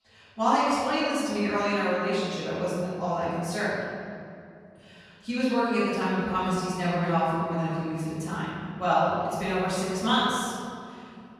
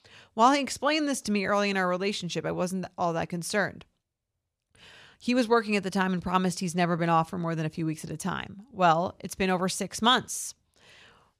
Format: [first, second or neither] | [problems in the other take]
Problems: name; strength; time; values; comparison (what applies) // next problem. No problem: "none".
second | room echo; strong; dies away in 2.2 s // off-mic speech; far